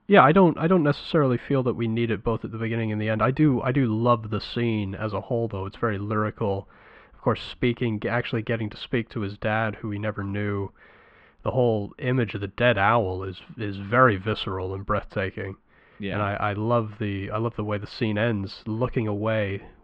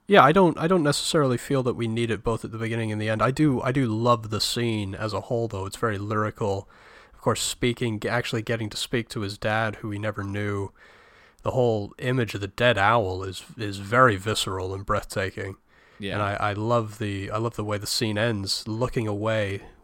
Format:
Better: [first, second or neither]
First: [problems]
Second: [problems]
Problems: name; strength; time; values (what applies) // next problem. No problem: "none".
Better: second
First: muffled; slightly; fading above 3 kHz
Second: none